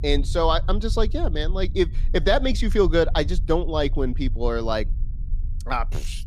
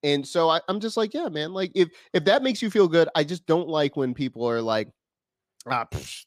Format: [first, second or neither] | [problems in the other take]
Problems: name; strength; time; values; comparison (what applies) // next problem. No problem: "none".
second | low rumble; faint; throughout; 25 dB below the speech